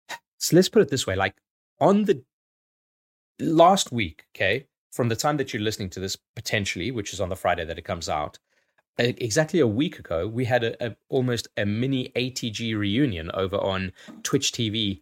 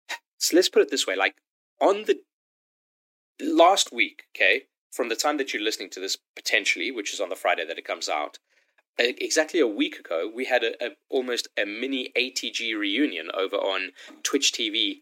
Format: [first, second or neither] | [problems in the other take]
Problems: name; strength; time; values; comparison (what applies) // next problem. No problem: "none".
first | thin; somewhat; fading below 300 Hz